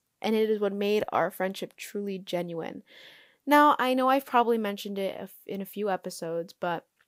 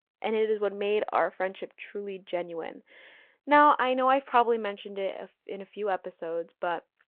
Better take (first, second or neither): first